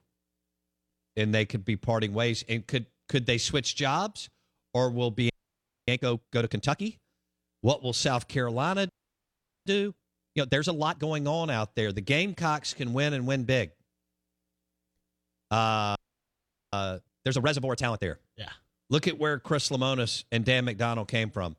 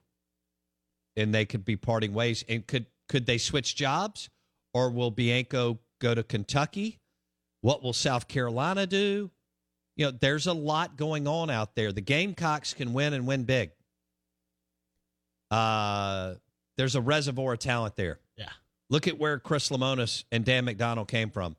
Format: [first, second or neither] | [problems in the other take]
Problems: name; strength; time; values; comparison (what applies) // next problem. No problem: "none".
second | audio freezing; at 5.5 s for 0.5 s, at 9 s for 1 s and at 16 s for 1 s